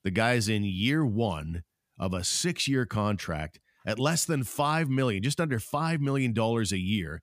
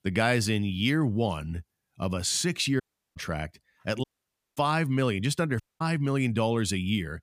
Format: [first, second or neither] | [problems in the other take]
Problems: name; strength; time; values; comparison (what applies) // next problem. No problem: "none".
first | audio cutting out; at 3 s, at 4 s for 0.5 s and at 5.5 s